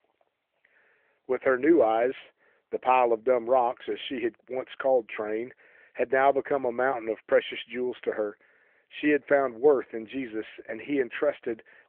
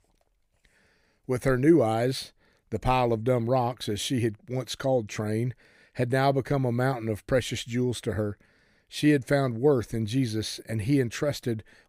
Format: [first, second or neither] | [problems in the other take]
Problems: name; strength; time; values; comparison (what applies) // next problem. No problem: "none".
second | phone-call audio; nothing above 3.5 kHz